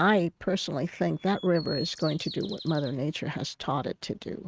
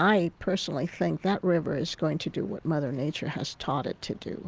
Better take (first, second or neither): second